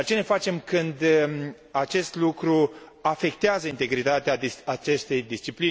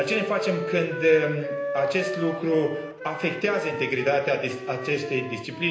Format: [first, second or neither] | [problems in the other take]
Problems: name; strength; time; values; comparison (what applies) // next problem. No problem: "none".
first | background sound (Wind instrument, woodwind instrument); 8 dB below the speech // room echo; dies away in 0.9 s